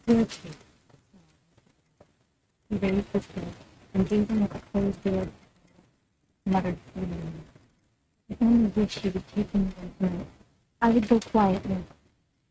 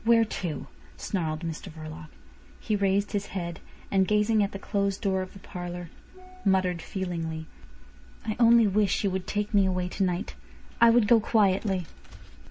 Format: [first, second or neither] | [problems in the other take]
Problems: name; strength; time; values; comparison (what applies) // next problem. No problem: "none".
second | noise reduction (neural mask model RNNoise)